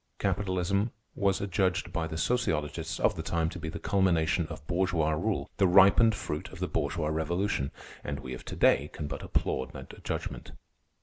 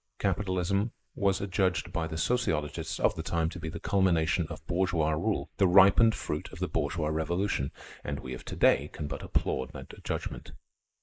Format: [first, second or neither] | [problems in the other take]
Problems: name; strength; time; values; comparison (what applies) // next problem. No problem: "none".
first | noise reduction (neural mask model Resemble Enhance denoiser)